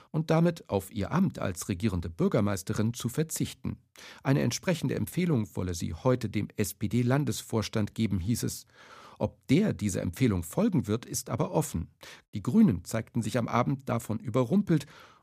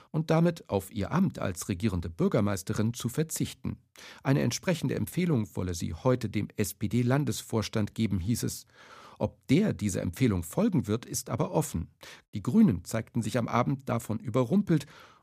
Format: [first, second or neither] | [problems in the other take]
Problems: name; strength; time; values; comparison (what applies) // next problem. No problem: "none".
neither | none